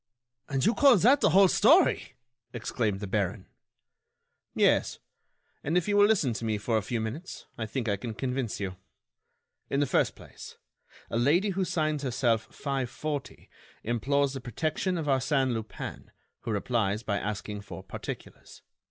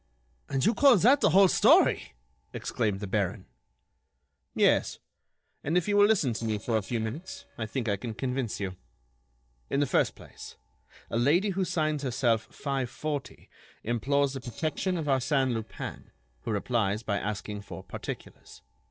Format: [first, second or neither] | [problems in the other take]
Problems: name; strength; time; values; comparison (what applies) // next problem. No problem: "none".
first | noise reduction (neural separator model SepFormer DNS4)